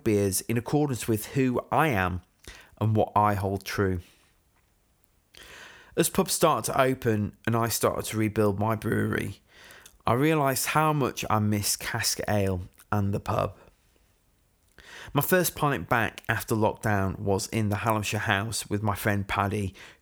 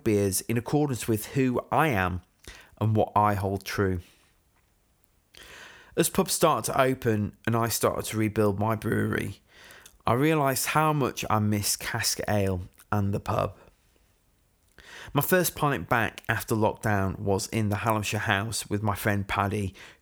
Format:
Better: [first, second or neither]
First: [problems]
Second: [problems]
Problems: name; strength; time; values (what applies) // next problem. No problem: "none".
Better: neither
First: none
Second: none